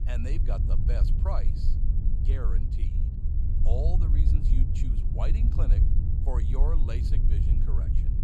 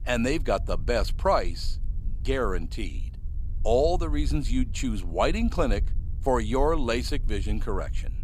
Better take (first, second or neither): second